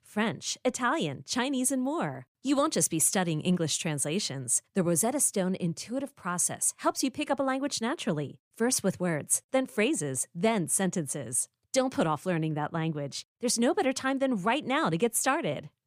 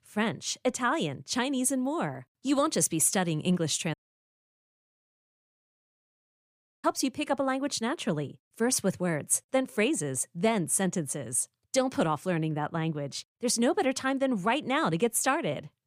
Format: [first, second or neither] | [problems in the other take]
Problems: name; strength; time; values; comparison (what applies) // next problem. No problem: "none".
first | audio cutting out; at 4 s for 3 s